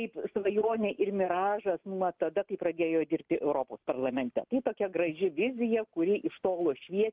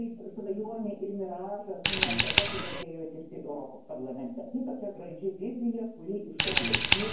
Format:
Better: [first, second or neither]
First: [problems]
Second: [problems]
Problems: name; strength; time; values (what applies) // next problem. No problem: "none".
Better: first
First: none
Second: background sound (Scissors); 2 dB above the speech // room echo; dies away in 0.9 s